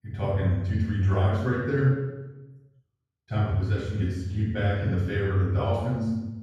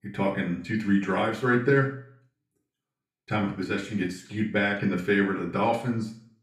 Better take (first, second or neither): second